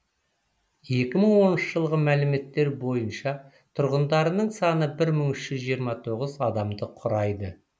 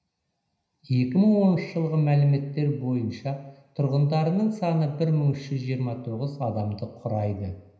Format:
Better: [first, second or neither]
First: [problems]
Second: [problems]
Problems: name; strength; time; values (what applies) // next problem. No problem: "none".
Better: first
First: none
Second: room echo; dies away in 0.9 s